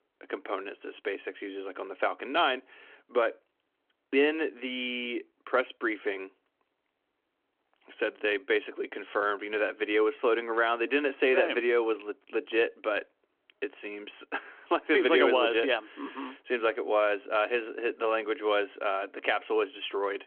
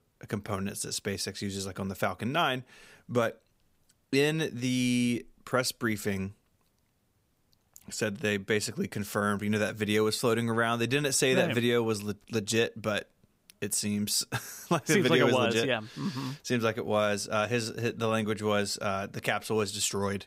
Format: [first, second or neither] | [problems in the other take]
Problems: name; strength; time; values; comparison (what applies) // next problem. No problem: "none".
second | phone-call audio; nothing above 3.5 kHz